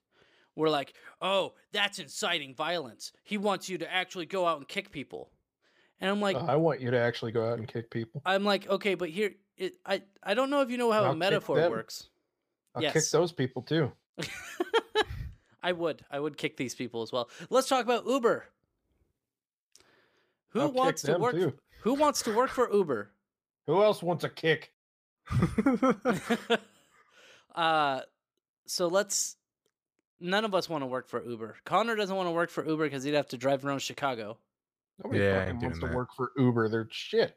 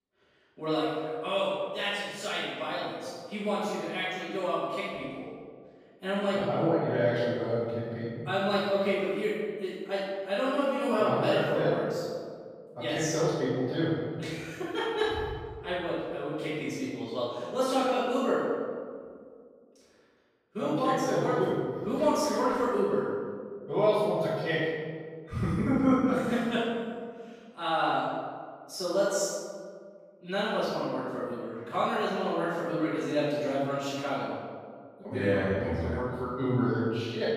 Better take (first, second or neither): first